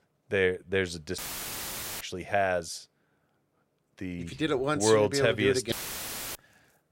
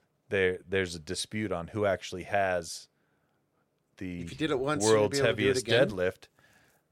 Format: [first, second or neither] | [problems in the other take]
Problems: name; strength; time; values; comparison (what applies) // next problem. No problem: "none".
second | audio cutting out; filled with static; at 1 s for 1 s and at 5.5 s for 0.5 s